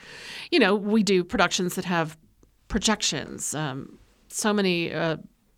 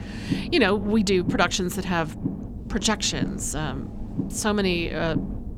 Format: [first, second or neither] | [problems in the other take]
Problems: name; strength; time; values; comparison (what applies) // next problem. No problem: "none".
first | low rumble; noticeable; throughout; 15 dB below the speech